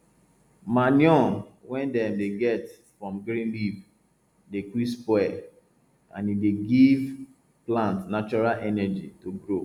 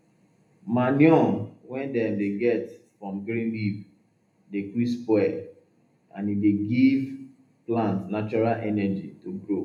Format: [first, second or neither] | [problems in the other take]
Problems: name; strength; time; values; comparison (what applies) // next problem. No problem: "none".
first | room echo; dies away in 0.3 s